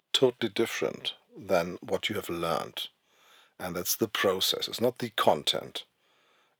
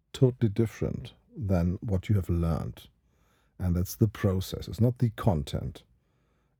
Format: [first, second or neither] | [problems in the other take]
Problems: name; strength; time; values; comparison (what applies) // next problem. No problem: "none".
second | thin; very; fading below 550 Hz